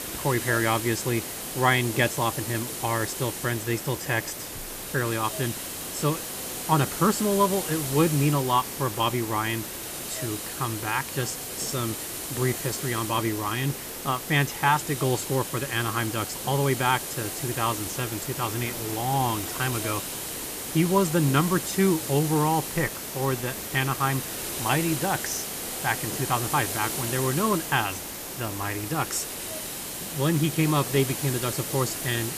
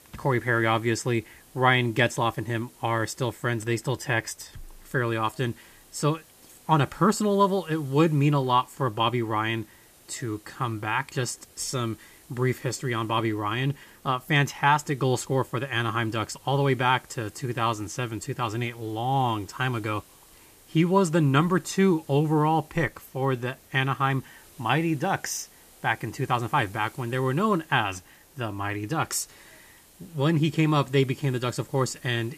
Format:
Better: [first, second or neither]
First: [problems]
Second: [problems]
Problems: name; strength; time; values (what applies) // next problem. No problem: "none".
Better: second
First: hiss; loud; throughout; 5 dB below the speech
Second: hiss; faint; throughout; 25 dB below the speech